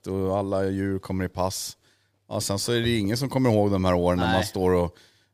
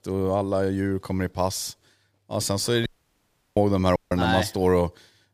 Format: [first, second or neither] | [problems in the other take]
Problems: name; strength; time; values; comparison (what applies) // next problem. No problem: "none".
first | audio cutting out; at 3 s for 0.5 s and at 4 s